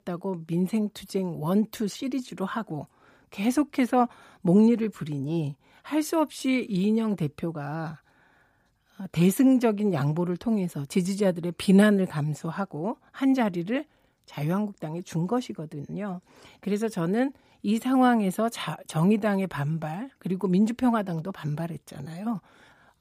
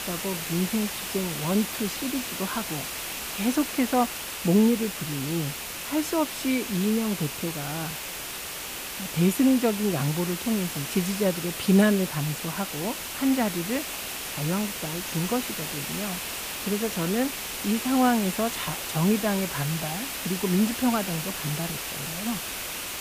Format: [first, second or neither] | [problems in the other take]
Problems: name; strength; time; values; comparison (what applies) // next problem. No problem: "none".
first | hiss; loud; throughout; 4 dB below the speech